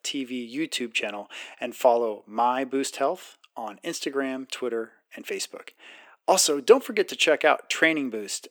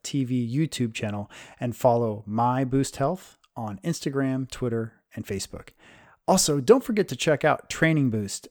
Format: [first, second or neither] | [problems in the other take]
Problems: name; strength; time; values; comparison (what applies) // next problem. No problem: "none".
second | thin; somewhat; fading below 300 Hz